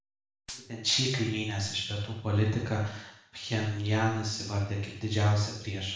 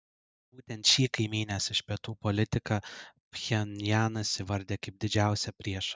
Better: second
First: background sound (Gunshot, gunfire); 20 dB below the speech // room echo; dies away in 0.7 s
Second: none

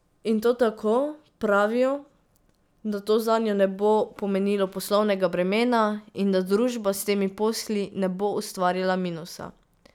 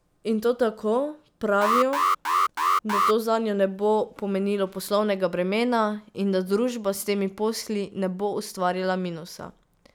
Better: first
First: none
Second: background sound (Alarm); 2 dB above the speech

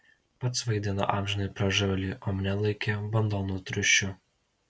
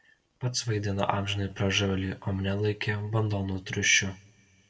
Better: first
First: none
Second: room echo; dies away in 0.3 s

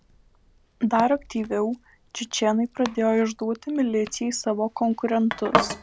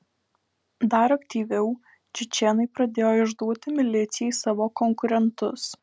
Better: second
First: background sound (Domestic sounds, home sounds); 8 dB below the speech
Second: none

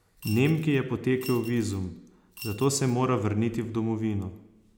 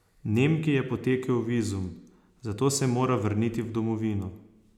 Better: second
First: background sound (Coin (dropping) / Glass); 19 dB below the speech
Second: none

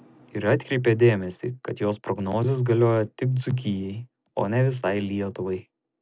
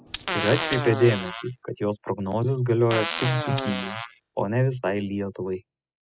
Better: first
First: none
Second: noise reduction (classical method spectral subtraction)

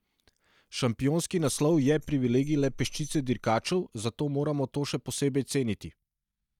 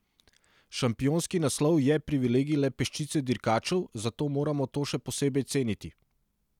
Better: second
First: noise reduction (neural mask model DeepFilterNet 3)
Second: none

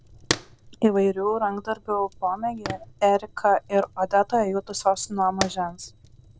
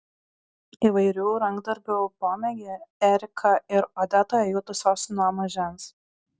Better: second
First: background sound (Fire); 12 dB below the speech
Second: none

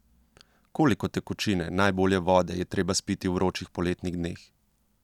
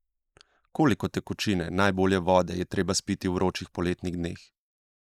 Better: first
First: none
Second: noise reduction (neural mask model Resemble Enhance denoiser)

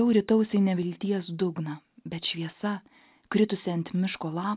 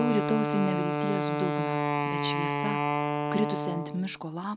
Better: first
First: none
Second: background sound (Wind instrument, woodwind instrument); 2 dB above the speech

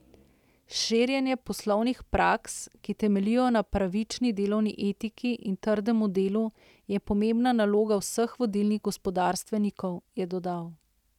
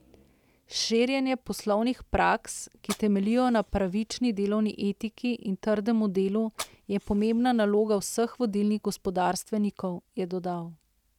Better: first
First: none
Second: background sound (Fire); 19 dB below the speech

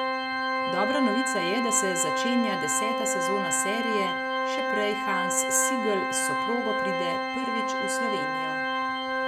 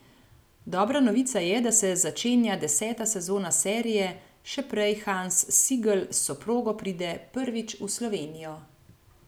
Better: second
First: background sound (Organ); 3 dB above the speech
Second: none

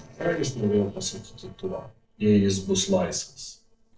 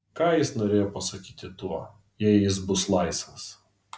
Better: second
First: noise reduction (neural separator model SepFormer DNS4)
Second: none

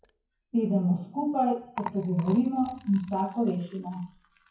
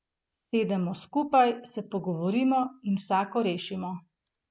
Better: second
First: noise reduction (classical method WPE with log-MMSE)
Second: none

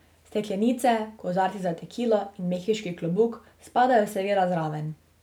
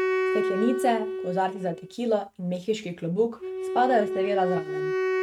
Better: first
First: none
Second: noise reduction (neural mask model RNNoise)

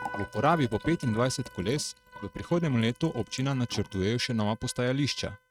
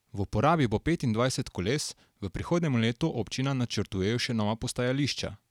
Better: second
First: noise reduction (neural mask model RNNoise)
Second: none

